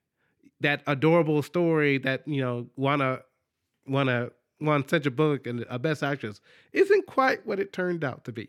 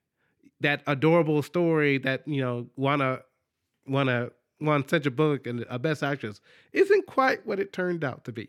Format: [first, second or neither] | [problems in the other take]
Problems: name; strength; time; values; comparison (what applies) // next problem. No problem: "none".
neither | none